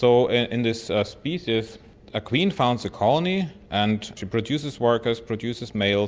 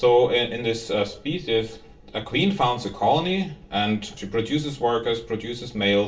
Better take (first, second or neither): first